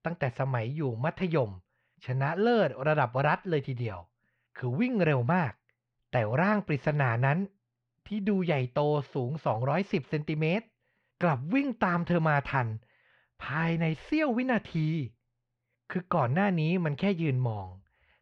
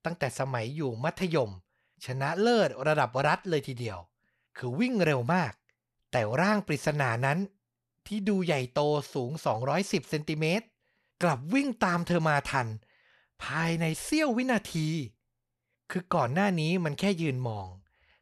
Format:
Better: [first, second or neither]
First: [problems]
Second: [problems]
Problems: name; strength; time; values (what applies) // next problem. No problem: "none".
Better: second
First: muffled; slightly; fading above 3 kHz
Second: none